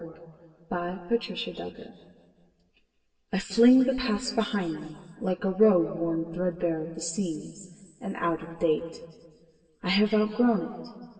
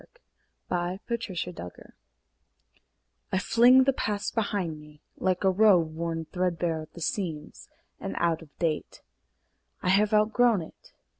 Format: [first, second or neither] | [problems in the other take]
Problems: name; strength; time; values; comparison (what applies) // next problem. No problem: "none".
second | room echo; dies away in 2 s